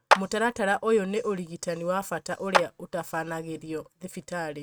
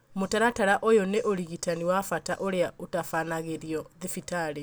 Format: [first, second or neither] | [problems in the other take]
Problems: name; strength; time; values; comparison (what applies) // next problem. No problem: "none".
second | noise reduction (neural mask model RNNoise)